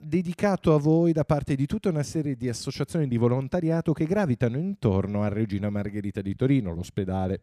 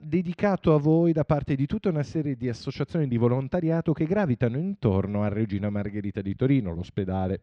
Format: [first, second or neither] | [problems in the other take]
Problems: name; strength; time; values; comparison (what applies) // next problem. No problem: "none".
first | muffled; very slightly; fading above 4 kHz